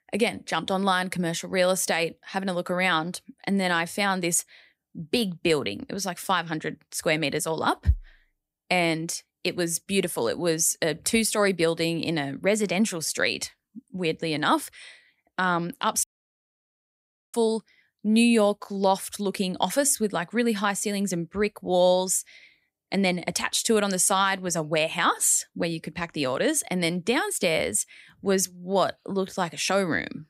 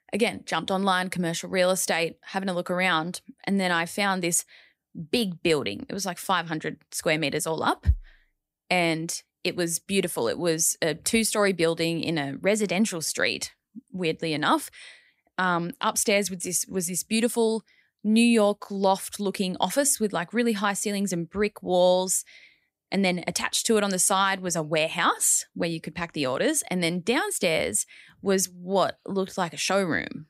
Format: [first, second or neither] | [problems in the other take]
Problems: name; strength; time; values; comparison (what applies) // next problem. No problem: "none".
second | audio cutting out; at 16 s for 1.5 s